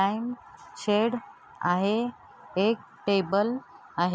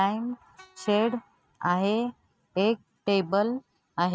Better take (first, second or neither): first